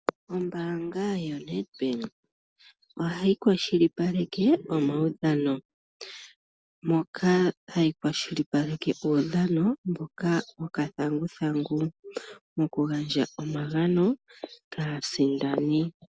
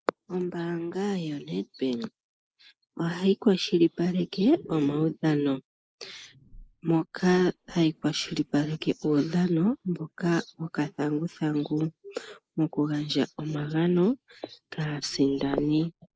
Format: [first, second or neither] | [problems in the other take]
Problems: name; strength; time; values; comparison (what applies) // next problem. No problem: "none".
first | noise reduction (neural mask model Resemble Enhance denoiser)